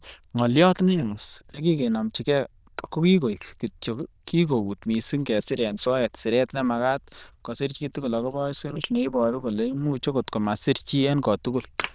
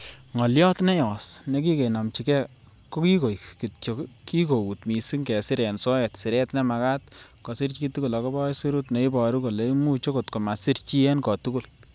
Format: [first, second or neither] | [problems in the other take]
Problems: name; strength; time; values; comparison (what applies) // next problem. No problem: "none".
second | noise reduction (neural diffusion model UNIVERSE++)